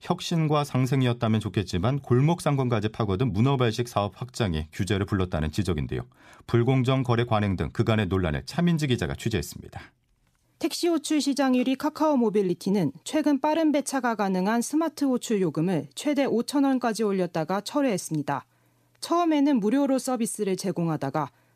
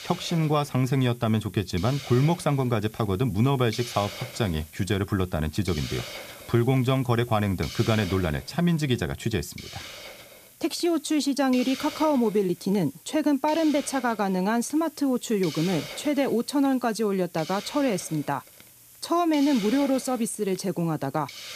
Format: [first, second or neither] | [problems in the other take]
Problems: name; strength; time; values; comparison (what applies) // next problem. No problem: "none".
first | hiss; noticeable; throughout; 15 dB below the speech